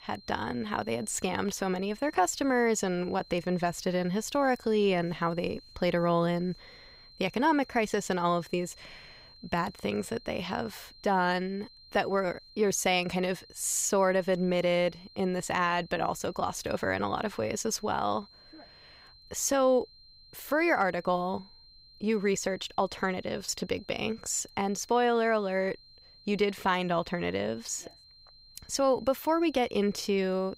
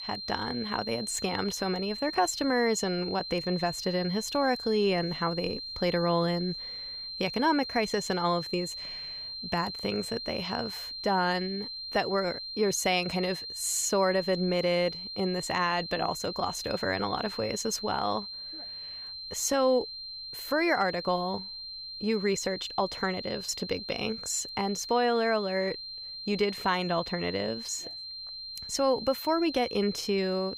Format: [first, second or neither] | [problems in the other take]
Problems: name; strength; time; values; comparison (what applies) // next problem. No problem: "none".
first | high-pitched whine; loud; throughout; 4 kHz, 7 dB below the speech; faint in the first